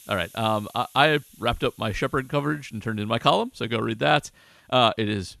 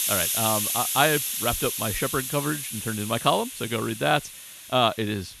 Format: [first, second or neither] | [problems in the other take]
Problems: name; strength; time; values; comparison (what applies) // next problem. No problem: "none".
first | hiss; loud; throughout; 1 dB below the speech; faint in the first